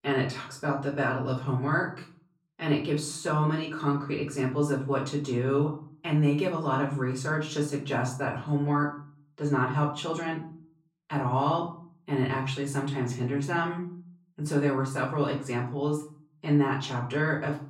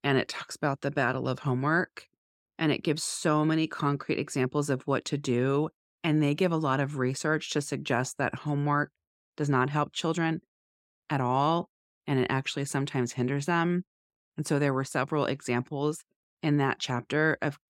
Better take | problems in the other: second | off-mic speech; far // room echo; slight; dies away in 0.4 s

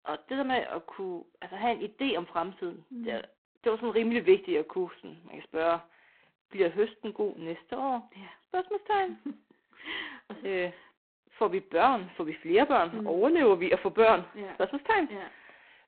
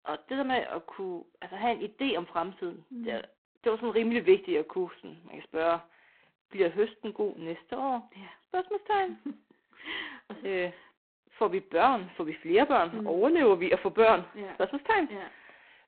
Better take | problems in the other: neither | phone-call audio; poor line; nothing above 3.5 kHz; the same in both

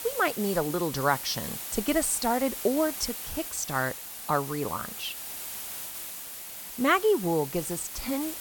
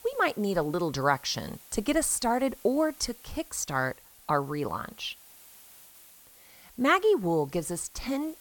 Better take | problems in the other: second | hiss; loud; throughout; 7 dB below the speech; faint in the second

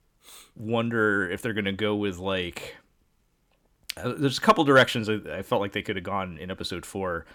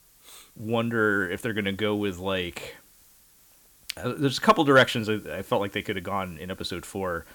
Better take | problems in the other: first | hiss; faint; throughout; 25 dB below the speech

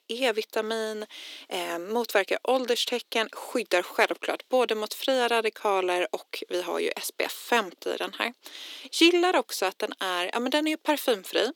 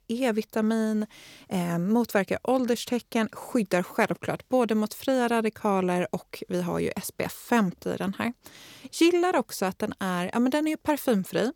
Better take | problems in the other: second | thin; somewhat; fading below 300 Hz

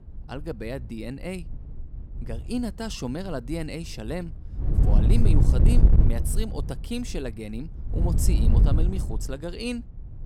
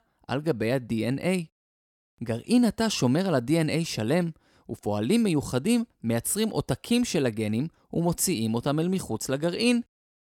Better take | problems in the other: second | wind noise on the microphone; heavy; 2 dB below the speech

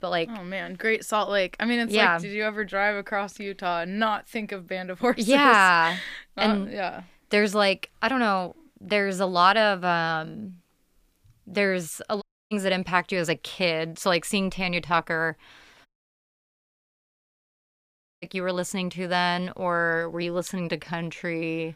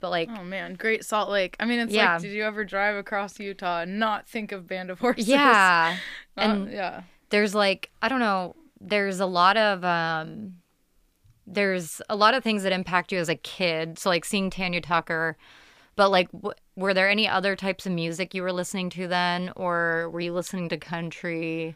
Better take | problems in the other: second | audio cutting out; at 12 s and at 16 s for 2.5 s

